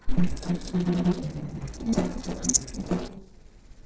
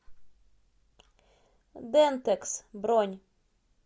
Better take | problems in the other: second | noise reduction (neural separator model SepFormer DNS4)

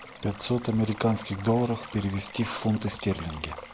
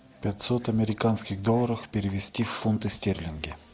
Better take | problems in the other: second | background sound (Stream); 16 dB below the speech

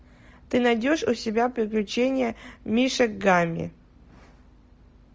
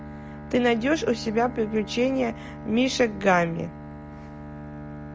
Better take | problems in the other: first | background sound (Bowed string instrument); 12 dB below the speech

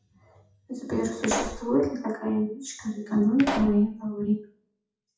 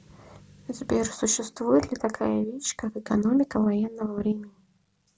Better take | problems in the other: second | noise reduction (classical method WPE with log-MMSE)

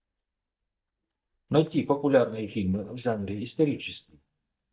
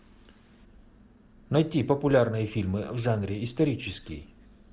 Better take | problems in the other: second | noise reduction (neural mask model DeepFilterNet 3)

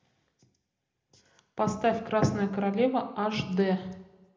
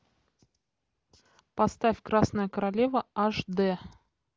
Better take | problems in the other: second | room echo; dies away in 0.7 s

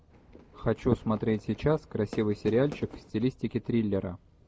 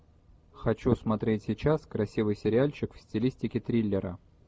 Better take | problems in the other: second | background sound (Fireworks); 19 dB below the speech

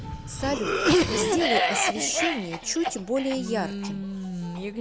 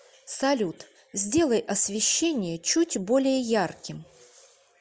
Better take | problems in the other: second | background sound (Cough); 3 dB above the speech

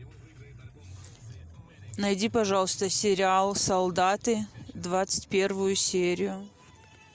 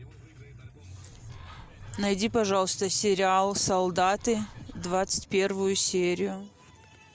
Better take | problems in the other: first | background sound (Bird); 19 dB below the speech

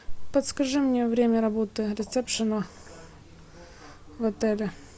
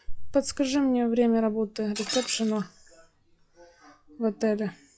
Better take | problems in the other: first | noise reduction (classical method log-MMSE)

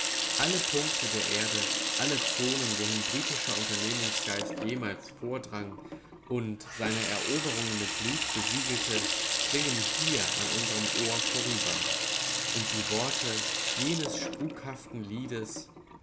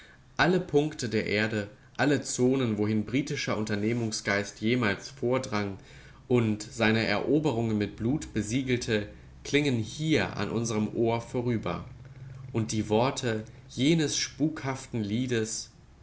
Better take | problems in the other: second | background sound (Sink (filling or washing) / Water tap, faucet); 4 dB above the speech

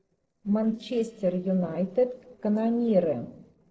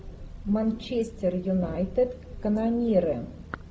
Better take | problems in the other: second | noise reduction (neural separator model SepFormer DNS4)

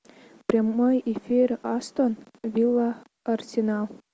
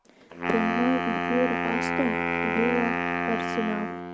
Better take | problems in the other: first | background sound (Wind instrument, woodwind instrument); 1 dB above the speech

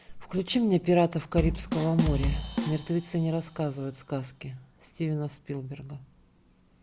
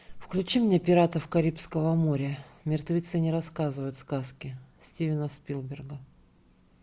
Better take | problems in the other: second | background sound (Bass drum / Drum kit); 4 dB below the speech

